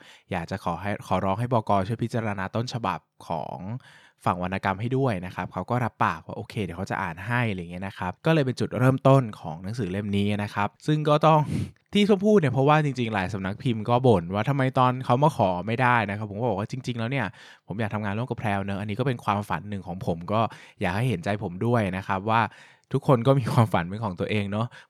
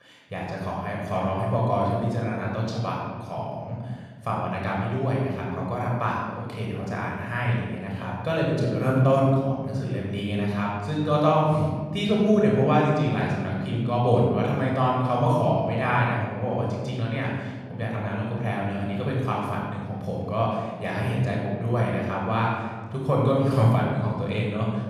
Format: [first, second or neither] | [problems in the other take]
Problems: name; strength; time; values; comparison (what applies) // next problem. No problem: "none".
first | off-mic speech; far // room echo; strong; dies away in 1.8 s